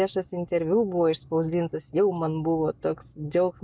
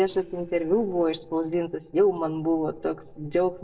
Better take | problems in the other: first | noise reduction (neural separator model SepFormer DNS4)

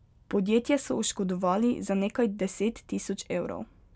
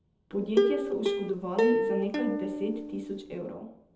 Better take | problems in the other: first | background sound (Plucked string instrument); 4 dB above the speech // room echo; dies away in 0.8 s

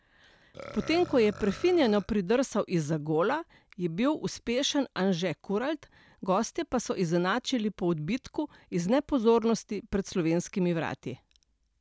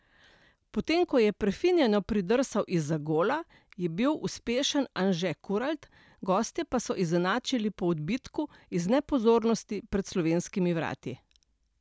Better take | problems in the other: second | background sound (Burping, eructation); 18 dB below the speech

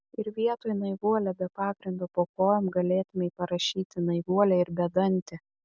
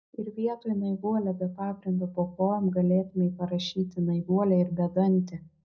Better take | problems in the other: first | room echo; dies away in 0.5 s

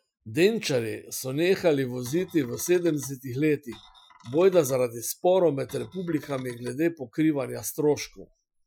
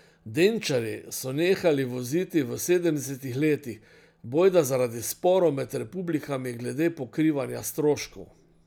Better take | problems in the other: second | noise reduction (classical method Wiener filter)

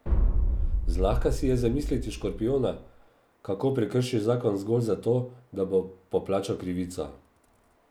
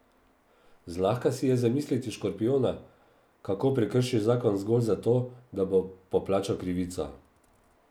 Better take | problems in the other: second | background sound (Boom); 2 dB above the speech

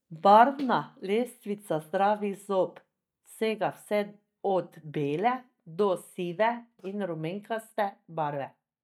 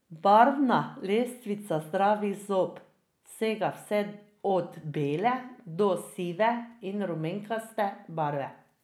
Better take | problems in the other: second | noise reduction (neural mask model DeepFilterNet 3)

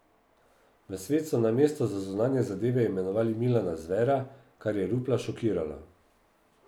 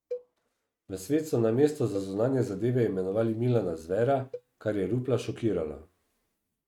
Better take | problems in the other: first | noise reduction (neural mask model RNNoise)

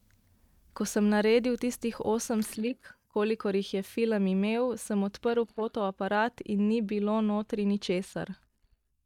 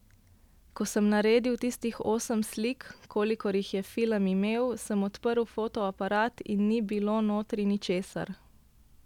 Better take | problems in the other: second | noise reduction (neural mask model DeepFilterNet 3)

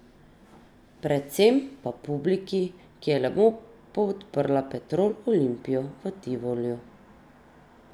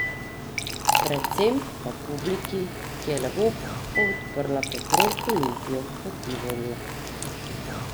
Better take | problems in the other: first | background sound (Liquid); 1 dB above the speech

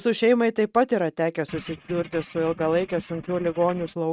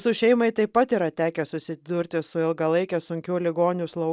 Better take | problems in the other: second | noise reduction (neural mask model RNNoise)

